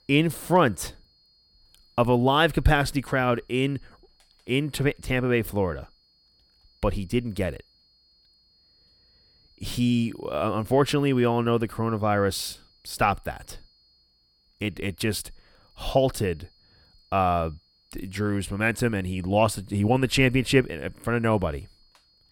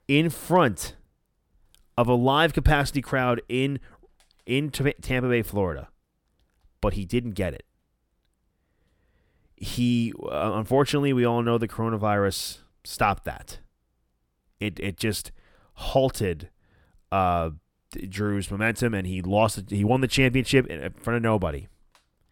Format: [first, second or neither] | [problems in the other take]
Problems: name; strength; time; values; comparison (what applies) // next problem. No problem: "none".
second | high-pitched whine; faint; throughout; 4.5 kHz, 35 dB below the speech